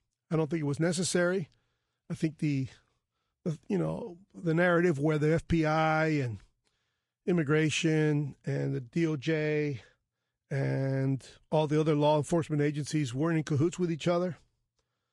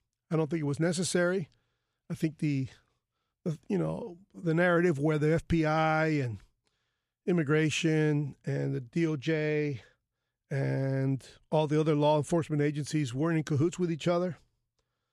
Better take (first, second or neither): second